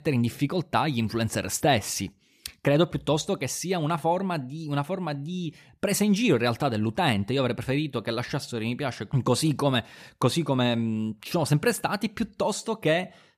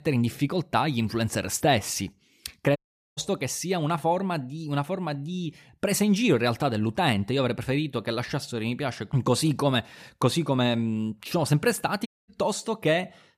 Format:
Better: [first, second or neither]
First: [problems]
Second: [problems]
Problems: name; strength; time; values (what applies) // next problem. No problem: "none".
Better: first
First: none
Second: audio cutting out; at 3 s and at 12 s